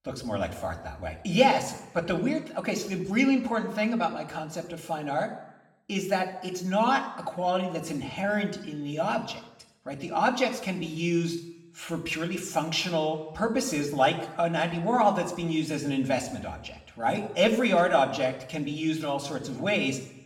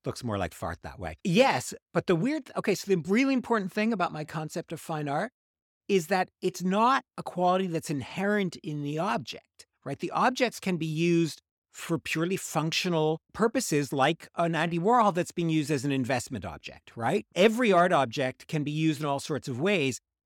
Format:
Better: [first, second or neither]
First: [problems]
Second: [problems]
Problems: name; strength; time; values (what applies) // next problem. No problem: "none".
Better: second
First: room echo; slight; dies away in 0.7 s // off-mic speech; somewhat distant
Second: none